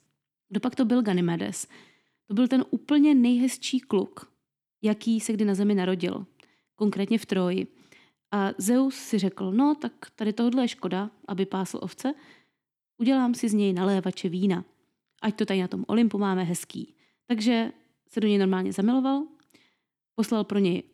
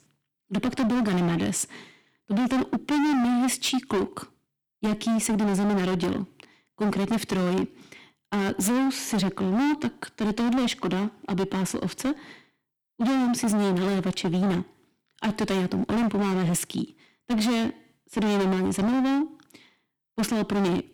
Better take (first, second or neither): first